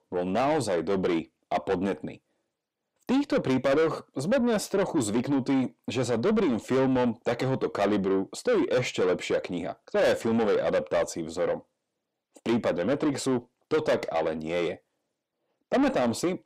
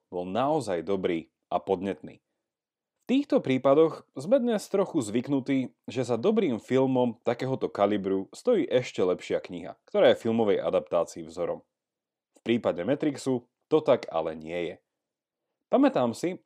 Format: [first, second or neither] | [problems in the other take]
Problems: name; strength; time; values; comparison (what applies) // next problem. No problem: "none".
second | distortion; heavy; 7 dB below the speech